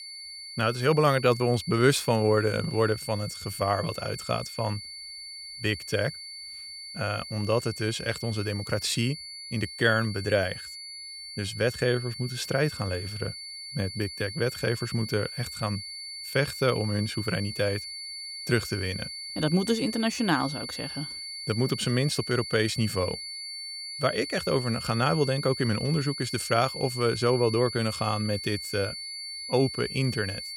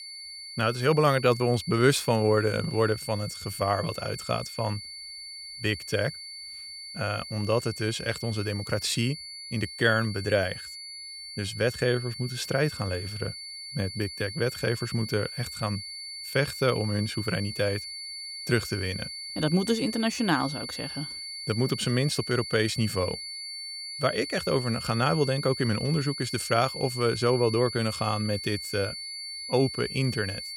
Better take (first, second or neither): neither